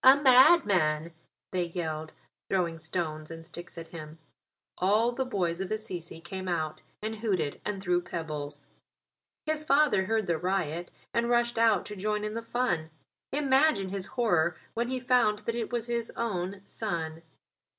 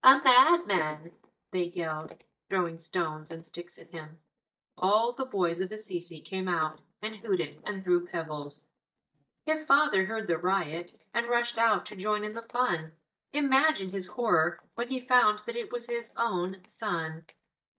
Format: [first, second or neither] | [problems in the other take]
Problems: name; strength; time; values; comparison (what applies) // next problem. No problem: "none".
first | noise reduction (neural mask model DeepFilterNet 3)